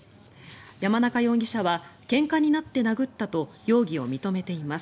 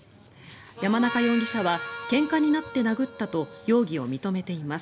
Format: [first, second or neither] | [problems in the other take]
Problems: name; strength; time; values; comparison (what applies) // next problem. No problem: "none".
first | background sound (Harmonica); 11 dB below the speech